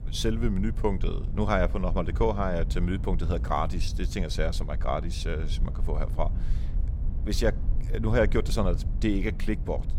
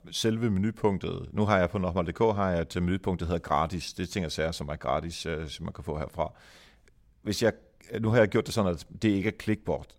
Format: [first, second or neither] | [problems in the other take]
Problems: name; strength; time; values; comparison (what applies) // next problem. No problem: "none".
second | low rumble; noticeable; throughout; 15 dB below the speech